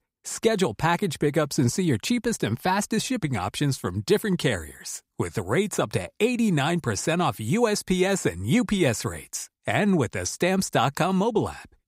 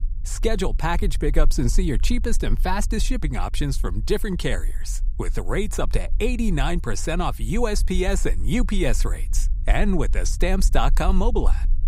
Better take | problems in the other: first | low rumble; faint; throughout; 25 dB below the speech

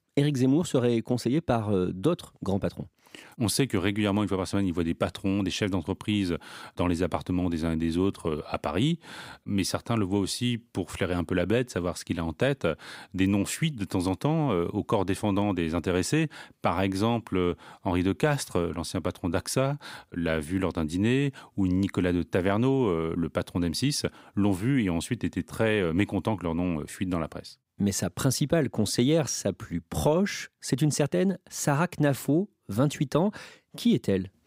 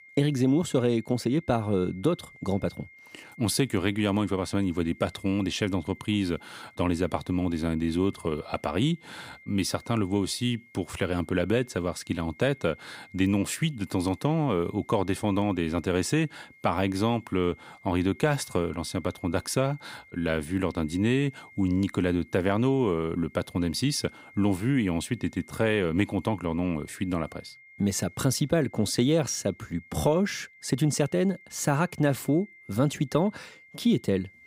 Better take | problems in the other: first | high-pitched whine; faint; throughout; 2 kHz, 25 dB below the speech

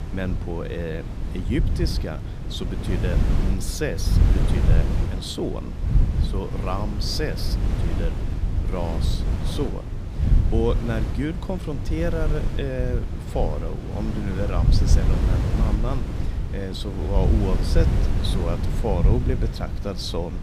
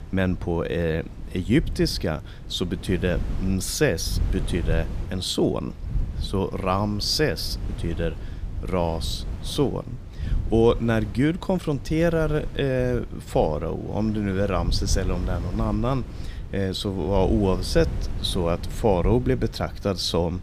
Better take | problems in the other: second | wind noise on the microphone; heavy; 5 dB below the speech; occasional gusts in the second

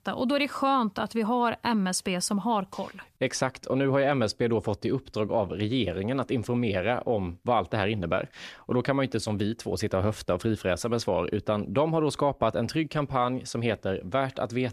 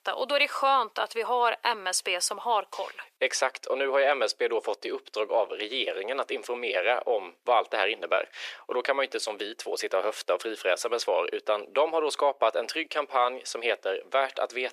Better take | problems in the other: first | thin; very; fading below 400 Hz

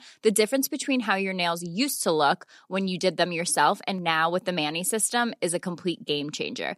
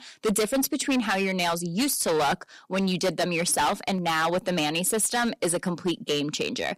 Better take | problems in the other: first | distortion; heavy; 14% of the sound clipped

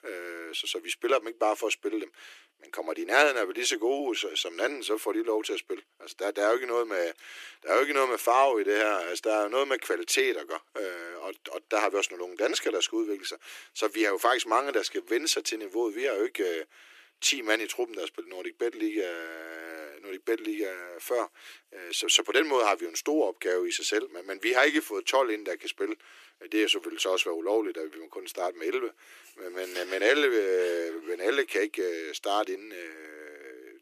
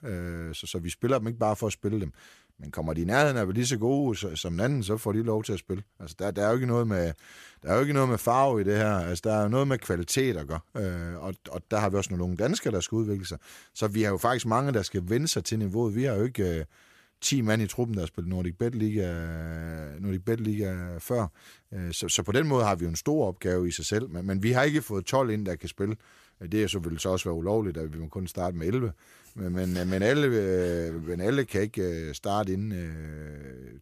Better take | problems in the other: second | thin; very; fading below 300 Hz

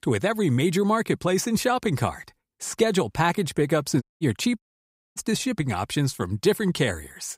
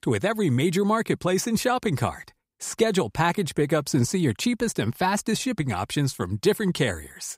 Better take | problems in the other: second | audio cutting out; at 4 s and at 4.5 s for 0.5 s

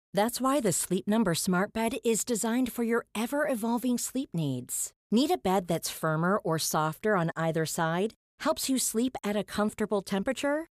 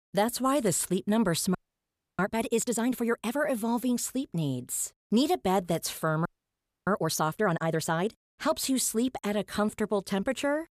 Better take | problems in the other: first | audio freezing; at 1.5 s for 0.5 s and at 6.5 s for 0.5 s

